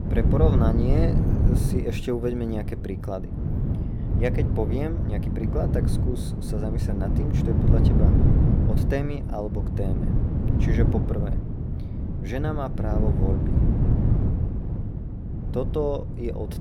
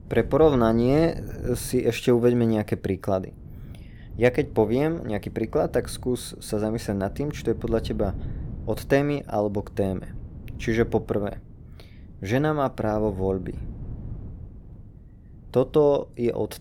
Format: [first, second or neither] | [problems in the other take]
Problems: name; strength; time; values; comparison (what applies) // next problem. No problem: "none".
second | wind noise on the microphone; heavy; 3 dB below the speech; occasional gusts in the second